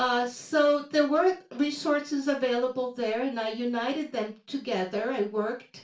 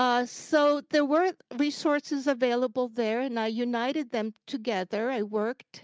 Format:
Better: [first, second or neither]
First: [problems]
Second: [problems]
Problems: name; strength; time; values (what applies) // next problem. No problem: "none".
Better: second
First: room echo; dies away in 0.3 s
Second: none